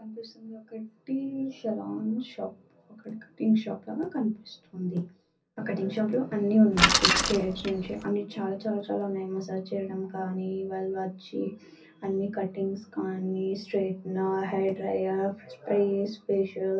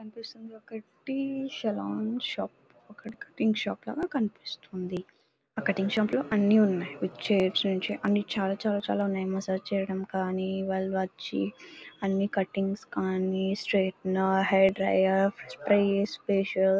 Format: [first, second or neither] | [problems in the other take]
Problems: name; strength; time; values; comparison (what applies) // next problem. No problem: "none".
second | background sound (Bicycle); 4 dB above the speech // room echo; dies away in 0.3 s